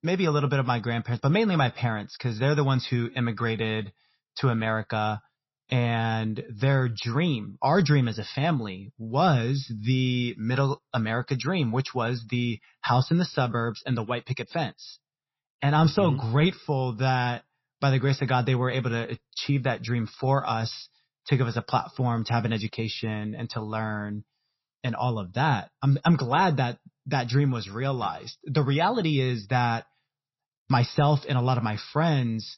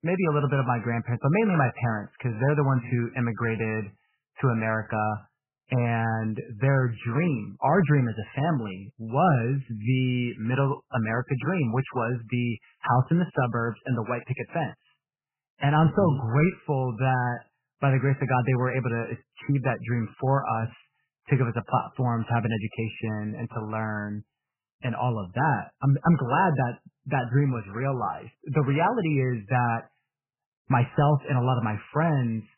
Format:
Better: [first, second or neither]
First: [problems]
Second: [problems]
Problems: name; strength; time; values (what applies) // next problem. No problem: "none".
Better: first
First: garbled, watery; slightly; nothing above 5.5 kHz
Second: garbled, watery; badly; nothing above 3 kHz